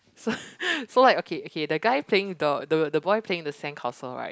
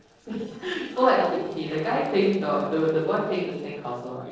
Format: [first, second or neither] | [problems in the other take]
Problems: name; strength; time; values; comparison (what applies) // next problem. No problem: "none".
first | noise reduction (neural separator model SepFormer DNS4)